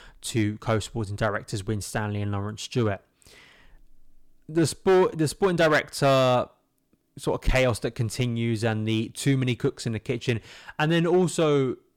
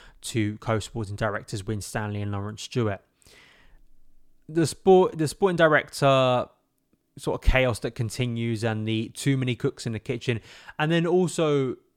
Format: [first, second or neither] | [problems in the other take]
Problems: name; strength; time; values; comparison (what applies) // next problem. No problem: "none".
second | distortion; slight; 3% of the sound clipped